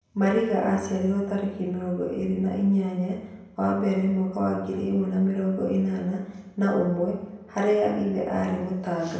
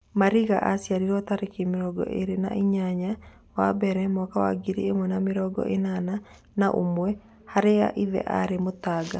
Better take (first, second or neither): second